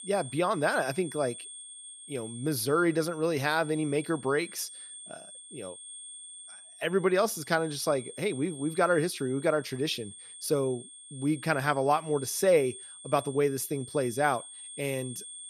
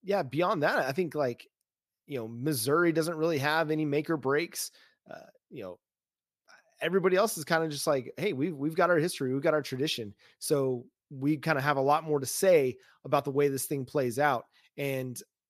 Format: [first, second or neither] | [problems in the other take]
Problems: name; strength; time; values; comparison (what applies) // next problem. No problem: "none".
second | high-pitched whine; noticeable; throughout; 8.5 kHz, 15 dB below the speech